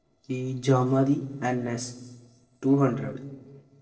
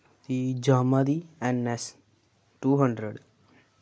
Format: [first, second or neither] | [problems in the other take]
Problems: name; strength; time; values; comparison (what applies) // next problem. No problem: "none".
second | noise reduction (neural separator model SepFormer DNS4)